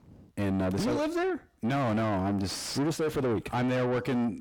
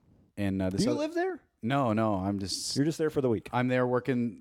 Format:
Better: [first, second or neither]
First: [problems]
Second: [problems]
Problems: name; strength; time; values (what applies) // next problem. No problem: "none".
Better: second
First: distortion; heavy; 7 dB below the speech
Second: none